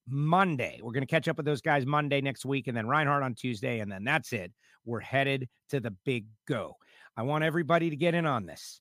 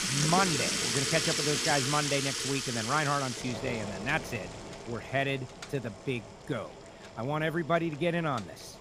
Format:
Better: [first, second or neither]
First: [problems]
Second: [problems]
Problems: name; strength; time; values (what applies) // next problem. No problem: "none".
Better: first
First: none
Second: household noises; very loud; throughout; 1 dB above the speech